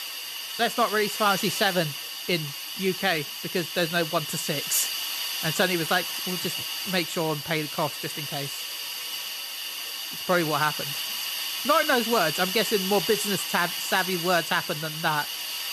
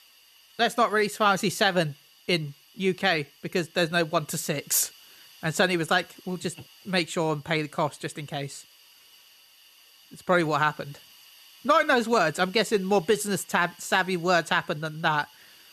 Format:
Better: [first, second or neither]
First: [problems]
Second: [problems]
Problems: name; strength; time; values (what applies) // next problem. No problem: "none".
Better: second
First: hiss; loud; throughout; 3 dB below the speech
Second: hiss; faint; throughout; 25 dB below the speech